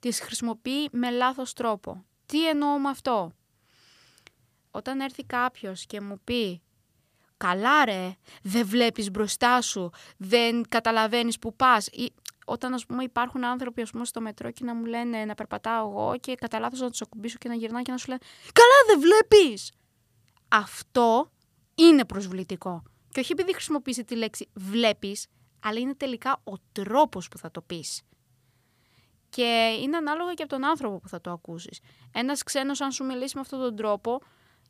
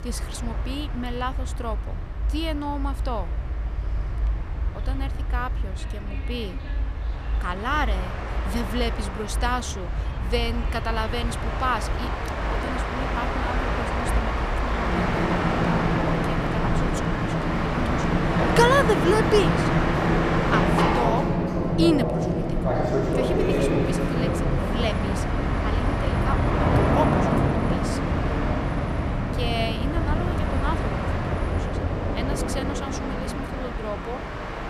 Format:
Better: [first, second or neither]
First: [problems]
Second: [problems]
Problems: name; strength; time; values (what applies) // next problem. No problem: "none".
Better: first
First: none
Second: train or aircraft noise; very loud; throughout; 4 dB above the speech